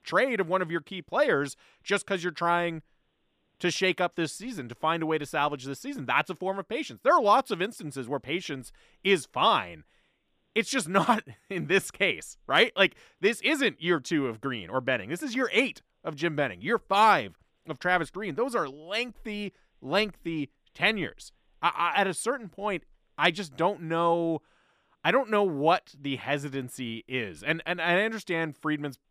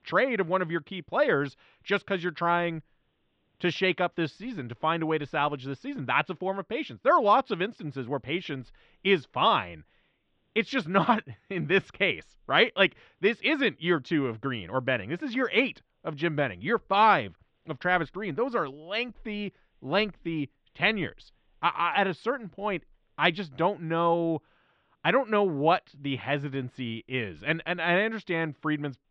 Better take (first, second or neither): first